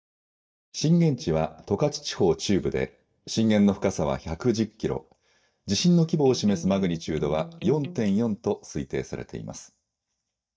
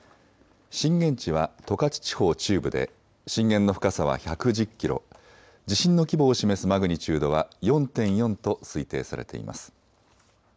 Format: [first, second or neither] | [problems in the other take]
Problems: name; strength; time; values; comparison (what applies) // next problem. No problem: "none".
second | noise reduction (neural mask model DeepFilterNet 3)